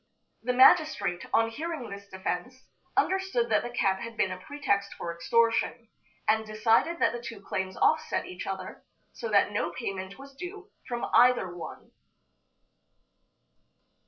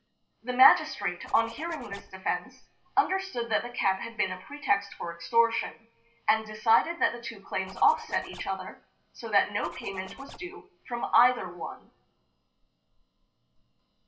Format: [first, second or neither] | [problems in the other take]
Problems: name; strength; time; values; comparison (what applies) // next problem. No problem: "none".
first | background sound (Zipper (clothing)); 19 dB below the speech // room echo; dies away in 0.5 s